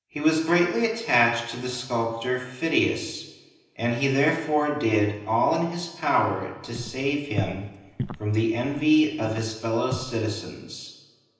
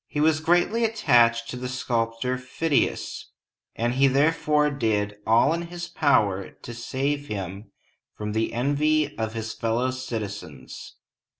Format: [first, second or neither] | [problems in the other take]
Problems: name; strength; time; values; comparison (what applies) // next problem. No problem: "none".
second | background sound (Walk, footsteps); 12 dB below the speech // room echo; dies away in 0.9 s